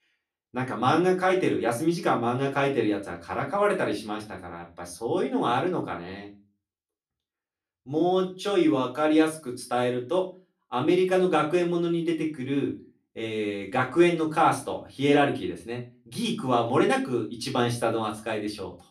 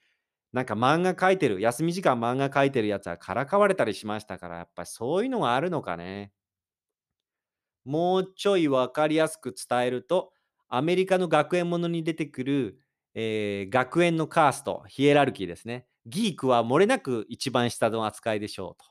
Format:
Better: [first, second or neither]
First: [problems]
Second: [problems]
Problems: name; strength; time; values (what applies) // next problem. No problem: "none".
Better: second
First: off-mic speech; far // room echo; very slight; dies away in 0.3 s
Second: none